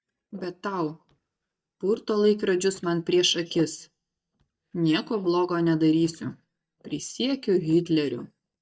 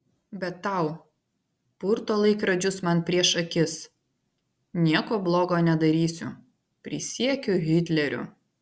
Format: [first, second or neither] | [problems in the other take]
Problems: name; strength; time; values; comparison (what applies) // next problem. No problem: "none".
second | noise reduction (neural mask model DeepFilterNet 3)